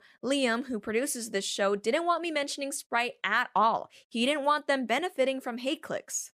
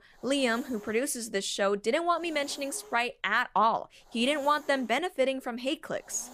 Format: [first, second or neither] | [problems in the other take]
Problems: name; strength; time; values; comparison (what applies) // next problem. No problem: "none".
first | hiss; faint; throughout; 20 dB below the speech